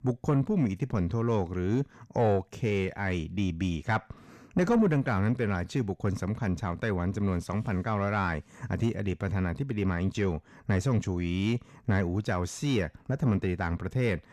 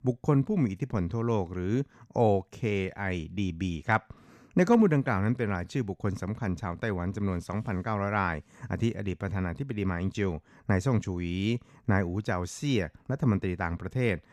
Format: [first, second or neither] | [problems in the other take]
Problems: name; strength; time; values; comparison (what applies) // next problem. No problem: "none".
second | distortion; slight; 10 dB below the speech